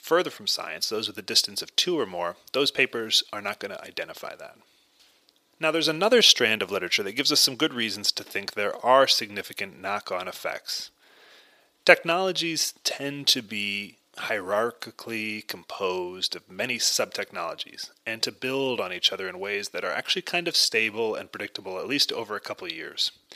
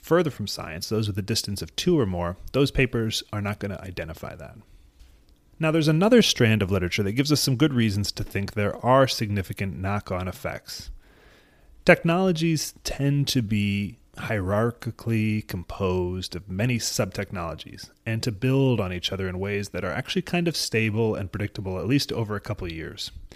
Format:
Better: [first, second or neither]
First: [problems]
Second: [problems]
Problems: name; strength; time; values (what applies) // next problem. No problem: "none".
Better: second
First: thin; somewhat; fading below 450 Hz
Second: none